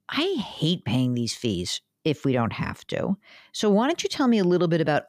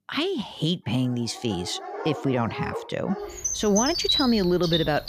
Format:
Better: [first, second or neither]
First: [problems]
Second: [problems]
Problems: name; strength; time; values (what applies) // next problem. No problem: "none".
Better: first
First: none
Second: animal sounds; loud; from 1.5 s on; 3 dB below the speech